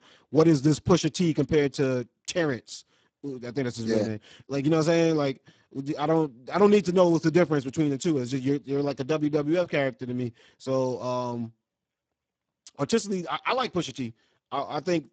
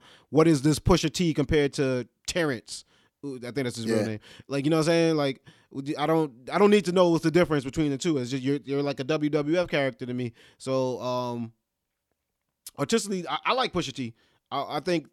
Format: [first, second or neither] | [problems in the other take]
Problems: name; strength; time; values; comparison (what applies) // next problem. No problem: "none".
second | garbled, watery; badly; nothing above 8 kHz